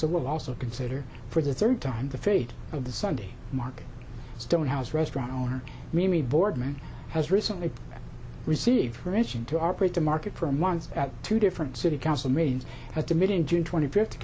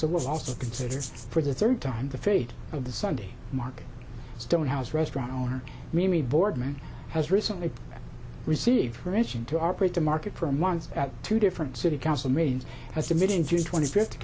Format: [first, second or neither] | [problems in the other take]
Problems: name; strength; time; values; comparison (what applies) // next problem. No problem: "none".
first | background sound (Rattle (instrument)); 14 dB below the speech